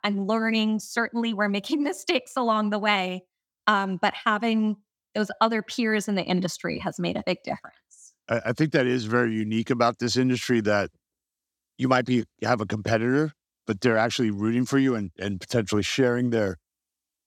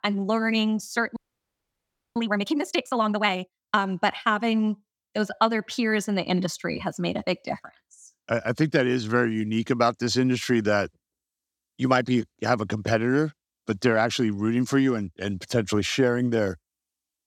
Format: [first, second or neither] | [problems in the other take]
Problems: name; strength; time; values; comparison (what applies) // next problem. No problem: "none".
first | audio freezing; at 1 s for 1 s